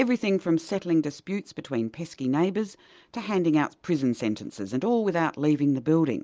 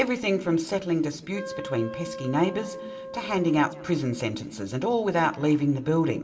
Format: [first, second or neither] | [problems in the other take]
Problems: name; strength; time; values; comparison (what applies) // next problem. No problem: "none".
first | background sound (Wind instrument, woodwind instrument); 12 dB below the speech // room echo; dies away in 2.1 s